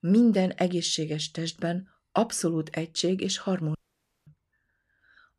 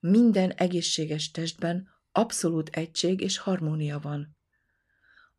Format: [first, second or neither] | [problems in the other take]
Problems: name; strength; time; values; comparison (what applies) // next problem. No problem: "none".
second | audio cutting out; at 4 s for 0.5 s